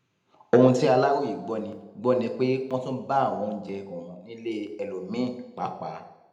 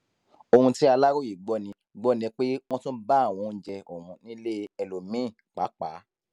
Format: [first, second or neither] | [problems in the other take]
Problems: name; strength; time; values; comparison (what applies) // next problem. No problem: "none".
second | room echo; dies away in 0.7 s